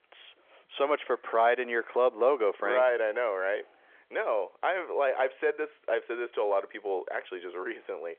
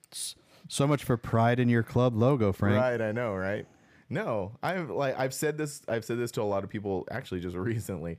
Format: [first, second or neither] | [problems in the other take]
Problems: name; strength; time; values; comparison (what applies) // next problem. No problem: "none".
second | phone-call audio; nothing above 3.5 kHz